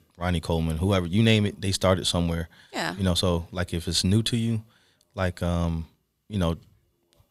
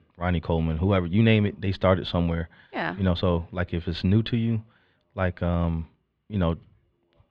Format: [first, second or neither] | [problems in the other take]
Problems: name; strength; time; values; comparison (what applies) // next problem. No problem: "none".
first | muffled; very; fading above 3 kHz